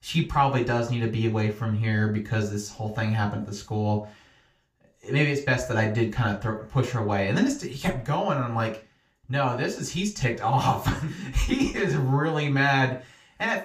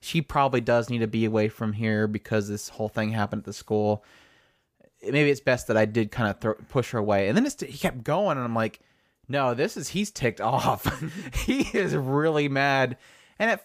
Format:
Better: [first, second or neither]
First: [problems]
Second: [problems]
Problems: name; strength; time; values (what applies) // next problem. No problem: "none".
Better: second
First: room echo; slight; dies away in 0.3 s // off-mic speech; somewhat distant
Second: none